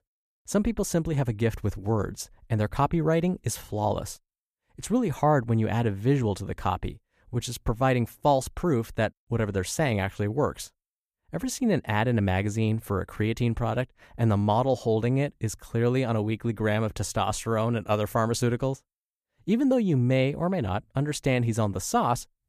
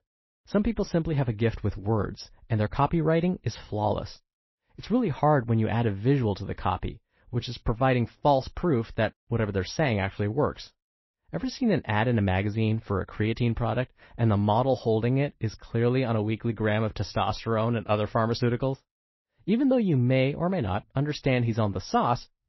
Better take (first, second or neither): first